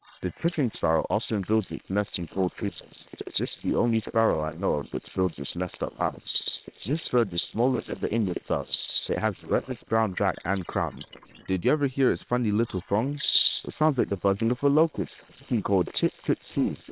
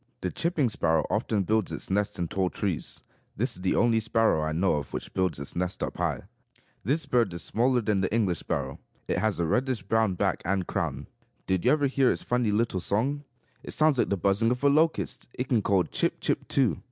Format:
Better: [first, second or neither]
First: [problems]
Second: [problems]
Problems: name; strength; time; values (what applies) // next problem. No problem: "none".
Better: second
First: noise reduction (neural separator model SepFormer WHAM!)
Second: none